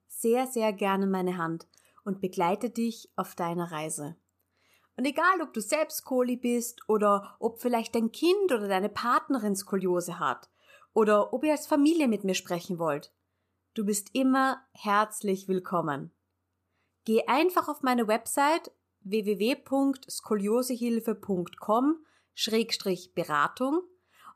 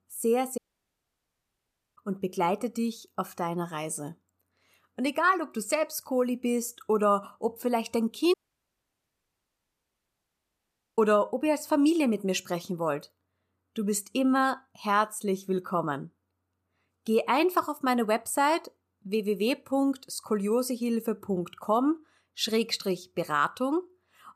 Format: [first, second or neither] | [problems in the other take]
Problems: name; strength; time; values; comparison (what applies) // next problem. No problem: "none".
first | audio cutting out; at 0.5 s for 1.5 s and at 8.5 s for 2.5 s